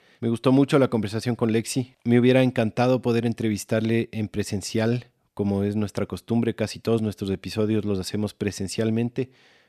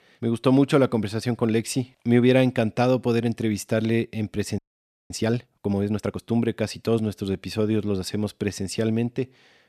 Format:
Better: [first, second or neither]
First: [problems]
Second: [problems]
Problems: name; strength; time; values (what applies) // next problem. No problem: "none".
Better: first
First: none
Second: audio freezing; at 4.5 s for 0.5 s